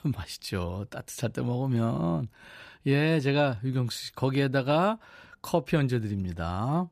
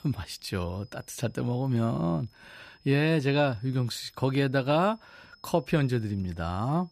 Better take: first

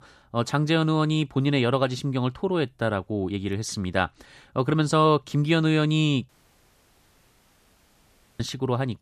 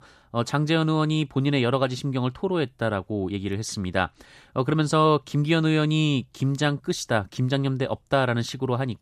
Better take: second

